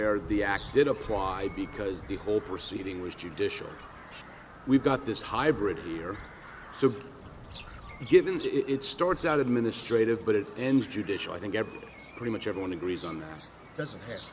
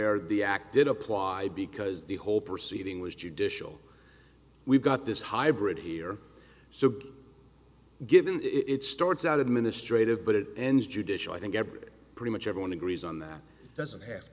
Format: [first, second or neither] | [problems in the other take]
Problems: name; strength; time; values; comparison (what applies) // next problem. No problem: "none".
second | background sound (Bird vocalization, bird call, bird song); 16 dB below the speech